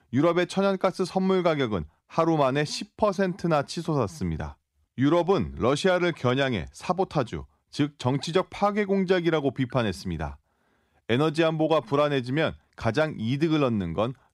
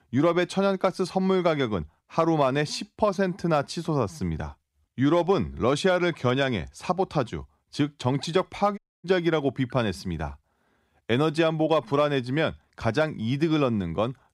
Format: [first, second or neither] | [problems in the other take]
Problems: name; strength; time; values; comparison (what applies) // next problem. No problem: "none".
first | audio cutting out; at 9 s